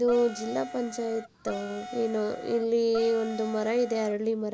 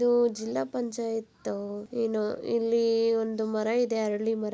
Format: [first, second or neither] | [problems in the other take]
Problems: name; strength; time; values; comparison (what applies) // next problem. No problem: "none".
second | background sound (Wind instrument, woodwind instrument); 13 dB below the speech